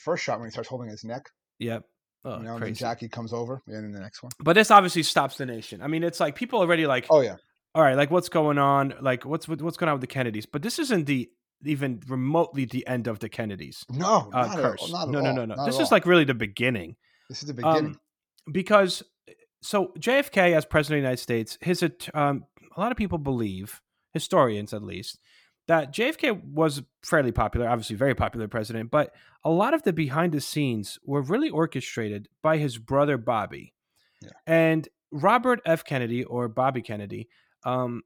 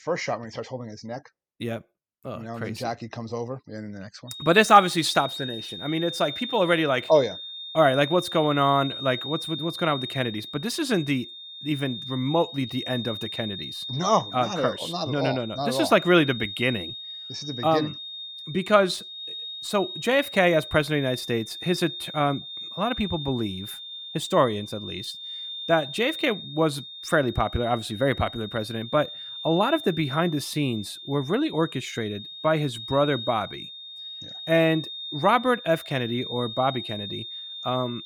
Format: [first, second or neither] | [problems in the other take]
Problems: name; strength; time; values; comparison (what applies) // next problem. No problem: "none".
first | high-pitched whine; loud; from 4.5 s on; 3.5 kHz, 10 dB below the speech